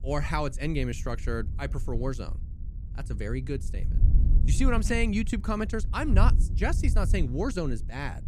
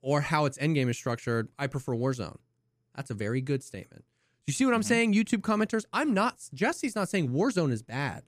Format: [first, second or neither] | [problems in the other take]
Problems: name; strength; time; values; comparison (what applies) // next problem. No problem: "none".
second | wind noise on the microphone; occasional gusts; 15 dB below the speech